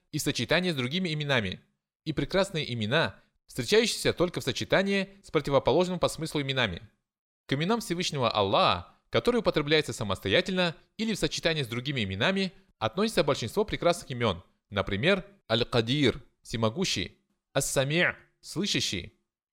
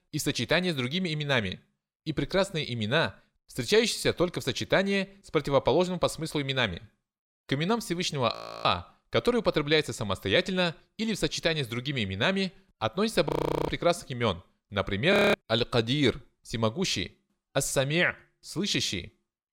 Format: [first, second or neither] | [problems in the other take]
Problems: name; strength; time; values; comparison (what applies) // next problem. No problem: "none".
first | audio freezing; at 8.5 s, at 13 s and at 15 s